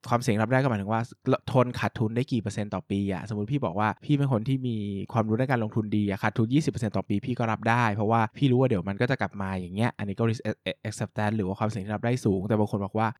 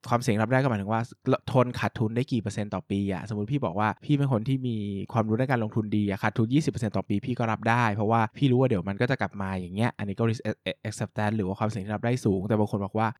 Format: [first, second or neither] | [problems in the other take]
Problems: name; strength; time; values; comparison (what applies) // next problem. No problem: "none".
neither | none